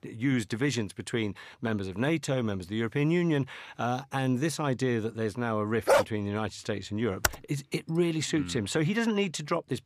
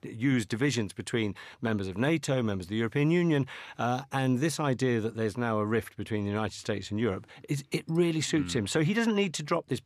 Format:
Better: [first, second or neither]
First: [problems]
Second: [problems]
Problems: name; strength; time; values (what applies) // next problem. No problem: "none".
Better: second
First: dog barking; loud; at 6 s; peak 5 dB above the speech // keyboard typing; very faint; at 7 s; peak level with the speech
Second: none